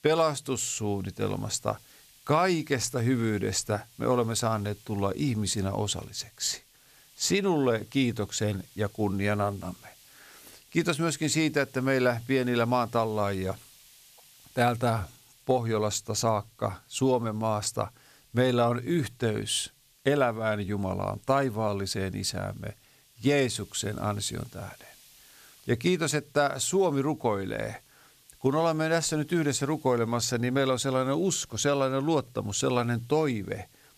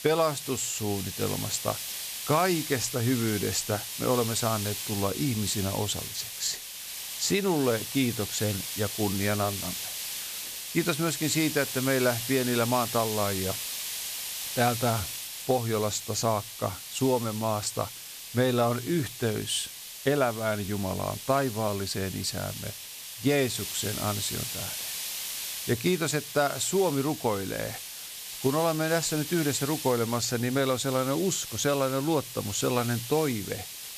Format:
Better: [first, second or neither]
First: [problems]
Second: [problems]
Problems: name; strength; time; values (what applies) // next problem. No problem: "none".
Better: first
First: hiss; faint; throughout; 25 dB below the speech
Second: hiss; loud; throughout; 6 dB below the speech